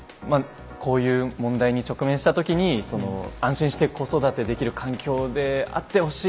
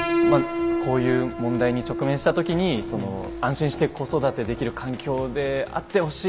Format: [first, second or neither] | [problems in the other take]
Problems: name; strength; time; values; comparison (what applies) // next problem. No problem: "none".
first | background sound (Piano); 4 dB below the speech